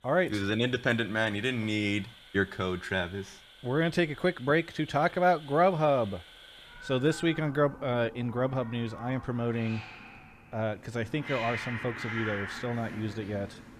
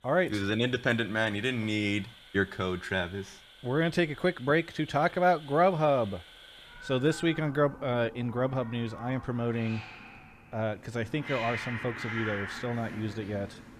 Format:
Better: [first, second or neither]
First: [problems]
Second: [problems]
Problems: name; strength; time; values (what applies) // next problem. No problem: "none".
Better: neither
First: animal sounds; noticeable; throughout; 15 dB below the speech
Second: animal sounds; noticeable; throughout; 15 dB below the speech